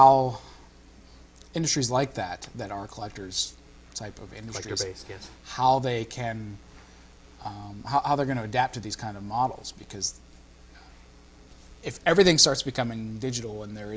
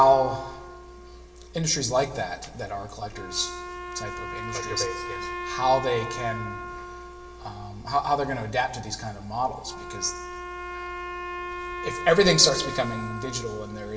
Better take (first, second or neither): first